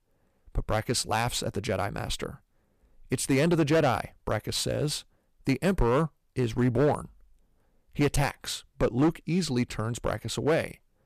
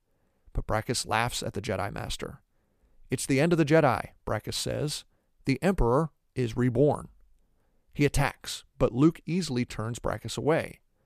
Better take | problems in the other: second | distortion; slight; 5% of the sound clipped

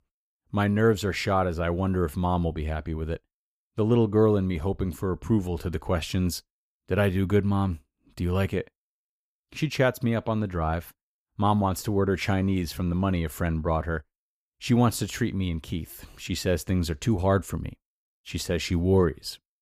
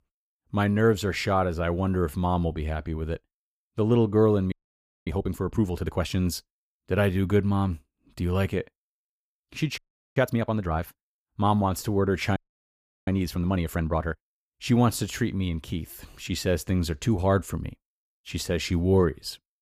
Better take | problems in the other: first | audio freezing; at 4.5 s for 0.5 s, at 10 s and at 12 s for 0.5 s

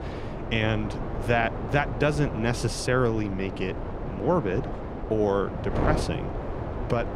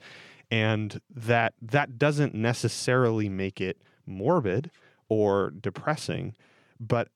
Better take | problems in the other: second | wind noise on the microphone; heavy; 8 dB below the speech

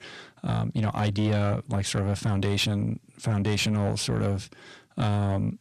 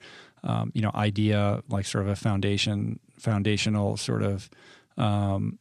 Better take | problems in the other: second | distortion; slight; 10 dB below the speech

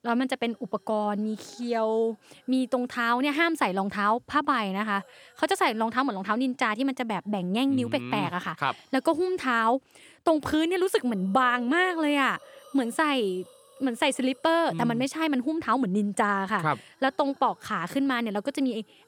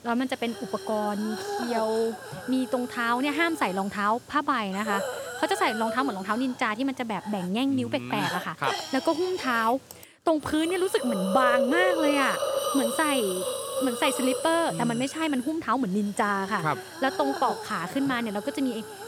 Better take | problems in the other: first | hiss; loud; throughout; 5 dB below the speech; faint in the first

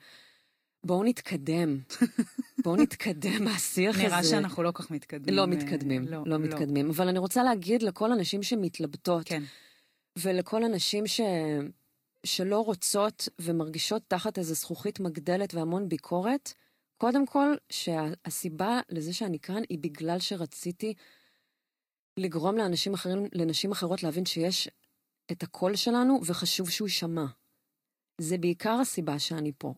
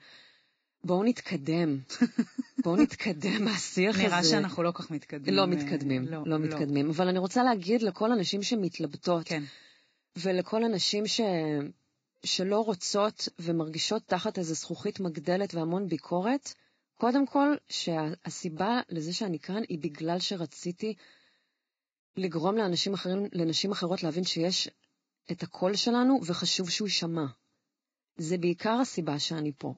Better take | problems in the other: first | garbled, watery; badly; nothing above 7.5 kHz; slightly in the first

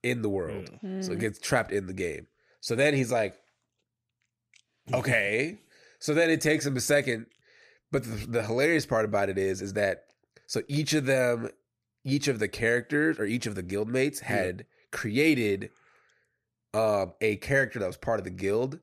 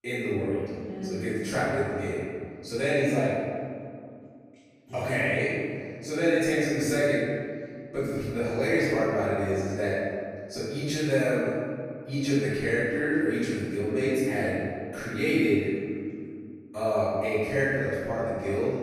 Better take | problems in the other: first | room echo; strong; dies away in 2.2 s // off-mic speech; far

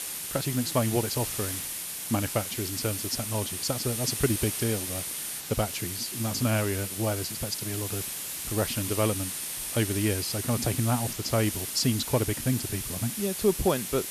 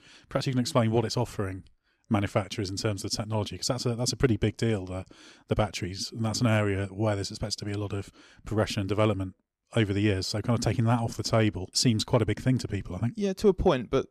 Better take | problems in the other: second | hiss; loud; throughout; 2 dB below the speech

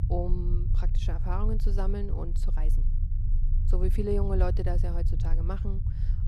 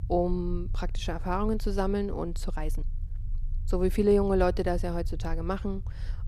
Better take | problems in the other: second | low rumble; loud; throughout; 10 dB below the speech; faint in the second

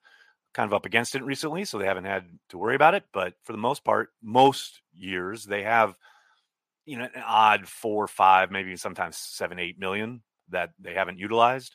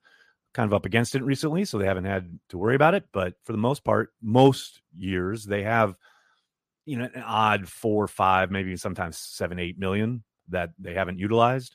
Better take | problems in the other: second | thin; somewhat; fading below 1 kHz

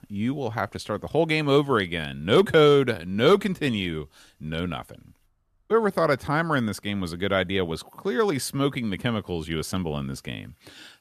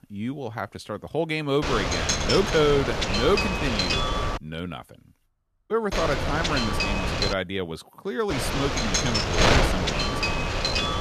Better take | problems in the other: first | wind noise on the microphone; heavy; from 1.5 to 4.5 s, from 6 to 7.5 s and from 8.5 s on; 3 dB above the speech

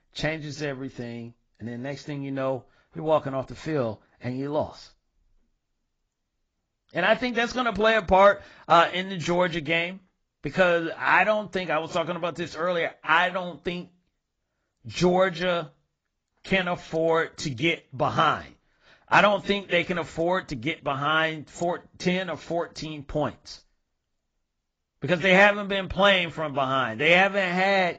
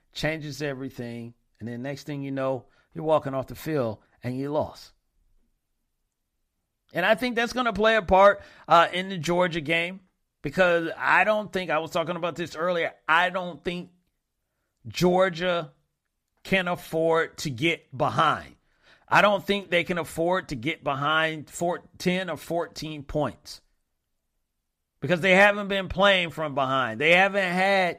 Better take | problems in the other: second | garbled, watery; badly; nothing above 7.5 kHz

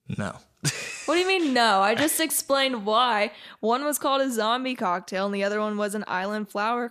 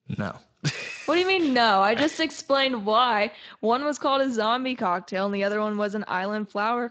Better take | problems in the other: first | garbled, watery; slightly; nothing above 7.5 kHz

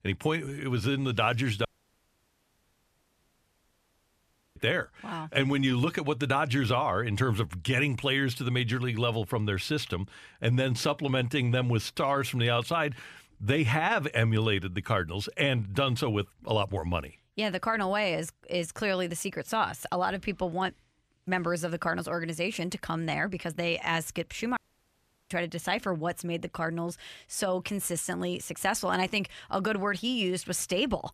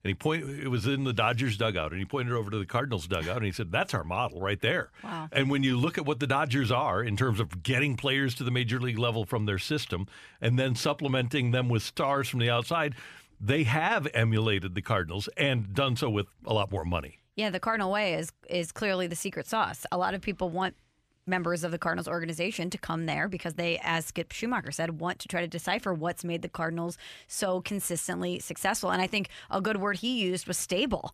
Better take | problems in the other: second | audio cutting out; at 1.5 s for 3 s and at 25 s for 0.5 s

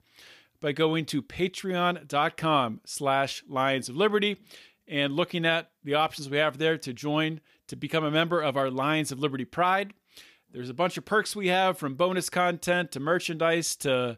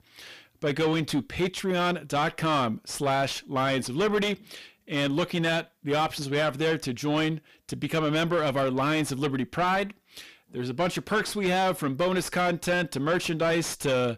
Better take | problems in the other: first | distortion; heavy; 7 dB below the speech

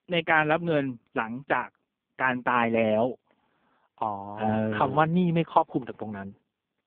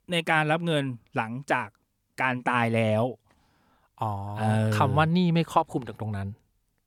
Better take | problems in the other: second | phone-call audio; poor line

